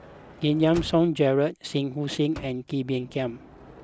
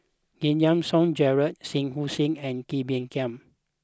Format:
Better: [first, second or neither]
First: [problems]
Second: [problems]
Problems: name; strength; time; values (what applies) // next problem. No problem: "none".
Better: second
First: background sound (Sliding door / Motor vehicle (road)); 19 dB below the speech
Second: none